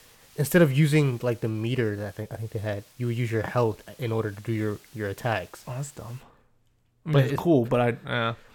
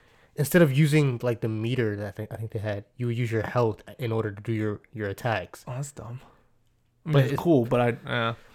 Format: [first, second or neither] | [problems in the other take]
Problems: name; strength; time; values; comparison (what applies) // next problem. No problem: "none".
second | hiss; faint; until 6 s; 25 dB below the speech